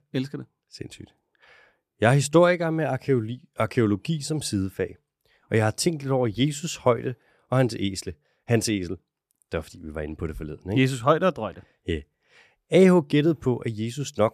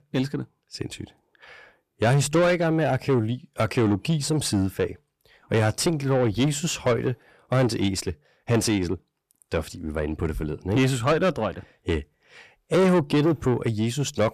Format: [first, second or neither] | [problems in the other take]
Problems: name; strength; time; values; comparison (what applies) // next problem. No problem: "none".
first | distortion; heavy; 7 dB below the speech